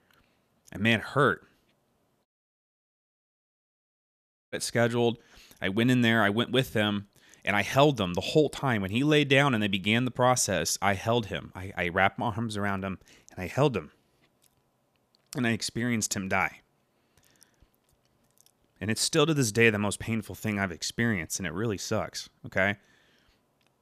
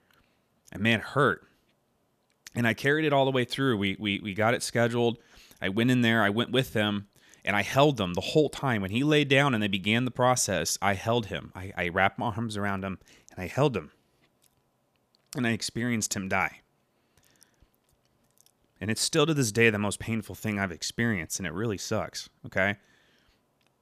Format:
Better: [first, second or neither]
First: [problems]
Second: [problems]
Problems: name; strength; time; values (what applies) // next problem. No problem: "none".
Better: second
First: audio cutting out; at 2.5 s for 2.5 s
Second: none